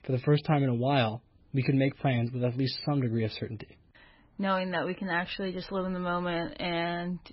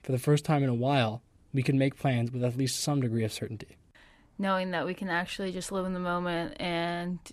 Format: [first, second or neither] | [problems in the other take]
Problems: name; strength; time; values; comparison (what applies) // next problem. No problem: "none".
second | garbled, watery; badly; nothing above 5 kHz